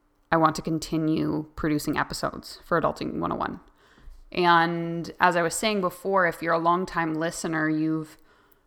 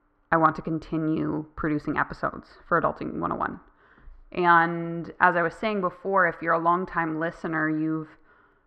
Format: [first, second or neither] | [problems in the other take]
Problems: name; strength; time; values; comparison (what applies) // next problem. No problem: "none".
first | muffled; very; fading above 2 kHz